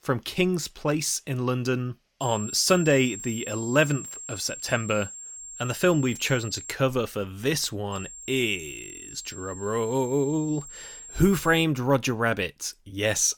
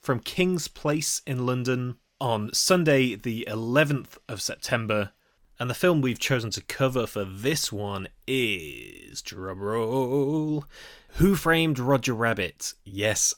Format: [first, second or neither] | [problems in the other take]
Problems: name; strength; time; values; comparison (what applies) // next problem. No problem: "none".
second | high-pitched whine; noticeable; from 2 to 6.5 s and from 8 to 12 s; 7.5 kHz, 10 dB below the speech